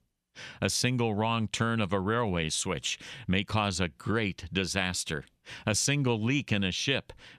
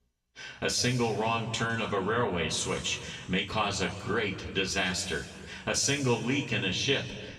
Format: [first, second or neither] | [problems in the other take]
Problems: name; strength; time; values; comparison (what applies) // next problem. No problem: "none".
first | room echo; slight; dies away in 1.9 s // off-mic speech; far